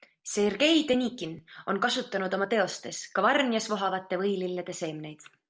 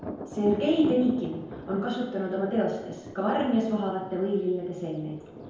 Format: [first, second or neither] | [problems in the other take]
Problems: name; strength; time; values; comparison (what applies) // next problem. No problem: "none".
first | background sound (Thunder); 13 dB below the speech // room echo; dies away in 1 s